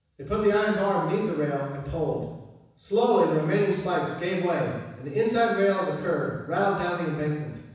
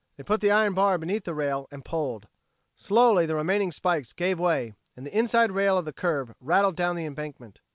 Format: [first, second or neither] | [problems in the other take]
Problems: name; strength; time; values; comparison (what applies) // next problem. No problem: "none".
second | room echo; dies away in 1.1 s